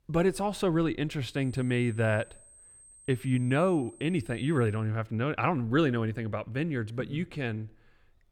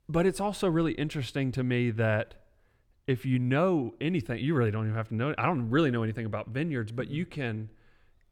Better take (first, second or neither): second